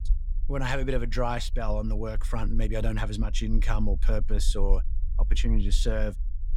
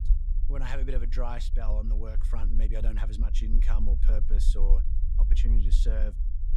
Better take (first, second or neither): first